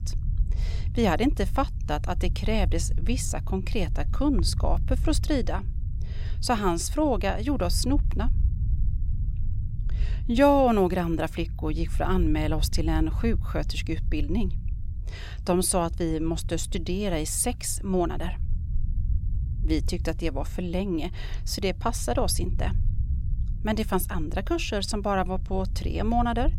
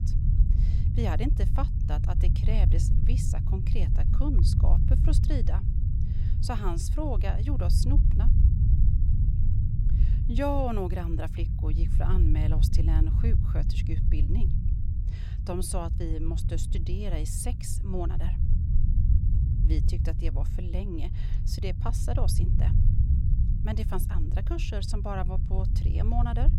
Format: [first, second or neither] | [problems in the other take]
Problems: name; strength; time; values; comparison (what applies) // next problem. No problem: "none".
first | low rumble; loud; throughout; 5 dB below the speech; faint in the first